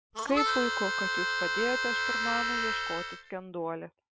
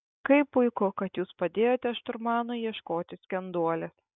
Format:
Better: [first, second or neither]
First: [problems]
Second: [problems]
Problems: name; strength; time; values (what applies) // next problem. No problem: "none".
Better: second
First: background sound (Harmonica); 4 dB above the speech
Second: none